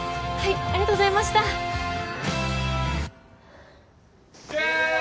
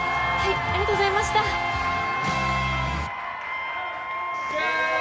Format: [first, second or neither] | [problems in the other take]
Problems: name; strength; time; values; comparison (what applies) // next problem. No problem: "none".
first | background sound (Cheering + Wind instrument, woodwind instrument); as loud as the speech